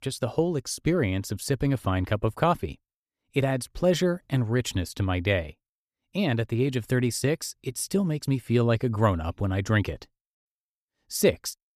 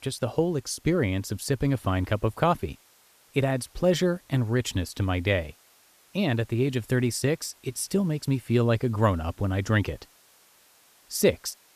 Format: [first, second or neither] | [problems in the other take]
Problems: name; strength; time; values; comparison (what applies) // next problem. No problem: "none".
first | hiss; faint; throughout; 30 dB below the speech